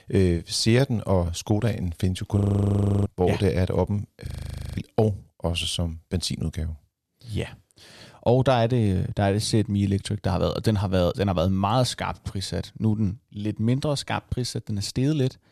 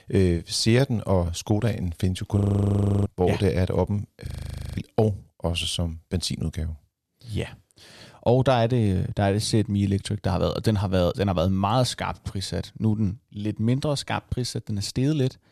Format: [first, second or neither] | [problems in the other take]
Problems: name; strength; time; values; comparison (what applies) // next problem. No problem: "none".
neither | audio freezing; at 2.5 s for 0.5 s and at 4.5 s for 0.5 s; the same in both